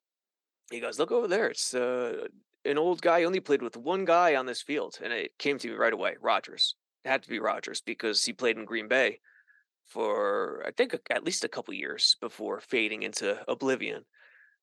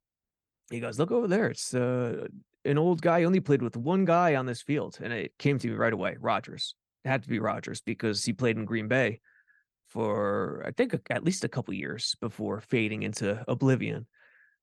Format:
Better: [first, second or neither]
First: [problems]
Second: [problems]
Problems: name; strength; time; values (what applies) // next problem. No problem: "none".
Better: second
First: thin; somewhat; fading below 350 Hz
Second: none